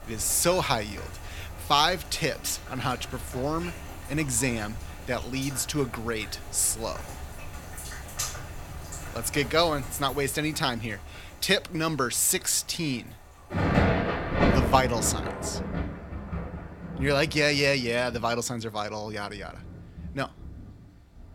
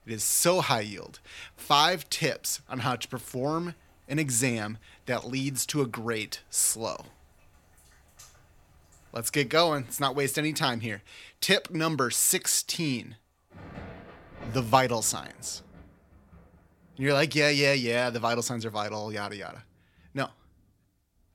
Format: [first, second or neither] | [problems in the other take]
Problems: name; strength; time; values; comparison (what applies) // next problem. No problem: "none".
second | rain or running water; loud; throughout; 7 dB below the speech; faint in the second